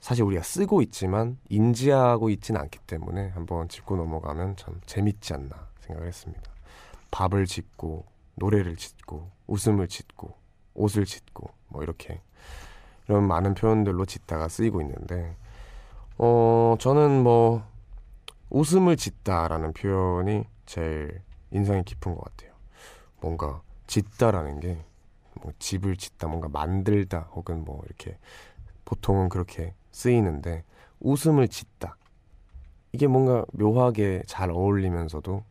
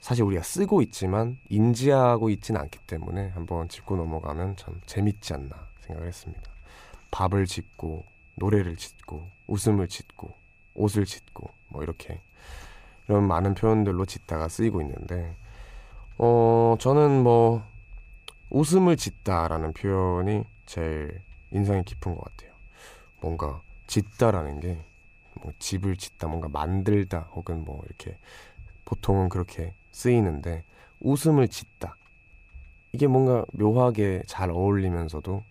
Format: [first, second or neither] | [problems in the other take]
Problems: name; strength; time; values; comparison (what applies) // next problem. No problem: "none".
first | high-pitched whine; faint; throughout; 2.5 kHz, 30 dB below the speech